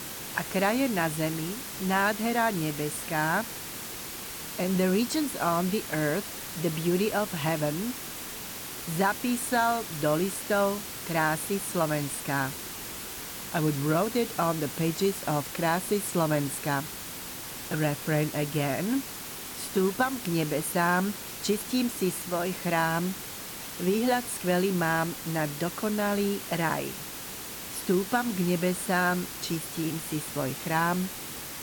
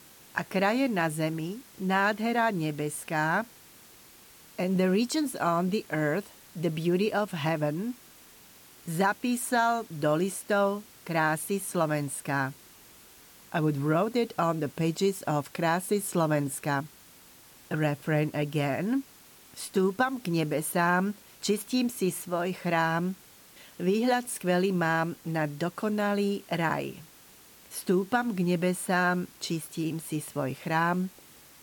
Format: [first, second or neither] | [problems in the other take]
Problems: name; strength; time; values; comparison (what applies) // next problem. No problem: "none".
second | hiss; loud; throughout; 7 dB below the speech; faint in the second